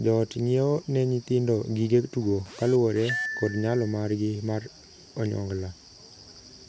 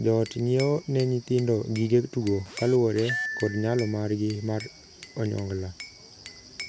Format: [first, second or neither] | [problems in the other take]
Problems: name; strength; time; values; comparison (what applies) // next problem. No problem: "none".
first | background sound (Glass / Bell); 20 dB below the speech